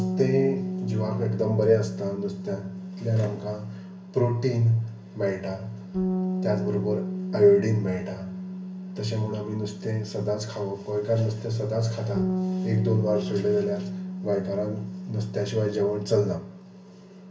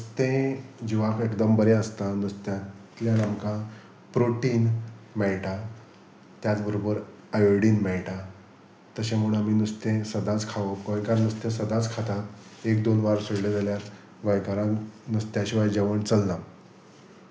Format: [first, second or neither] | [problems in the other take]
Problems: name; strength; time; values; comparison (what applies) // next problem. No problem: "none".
second | background sound (Bass guitar); 6 dB below the speech // room echo; dies away in 0.2 s